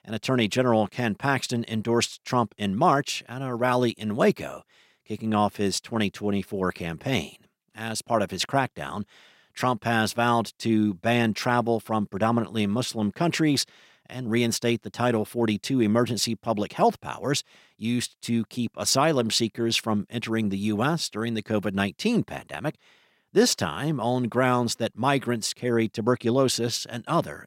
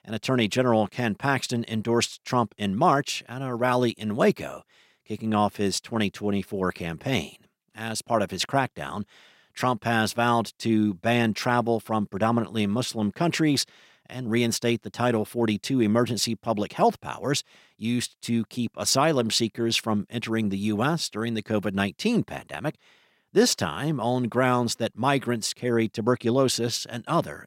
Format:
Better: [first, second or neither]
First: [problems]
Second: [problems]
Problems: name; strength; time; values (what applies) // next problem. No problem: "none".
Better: neither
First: none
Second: none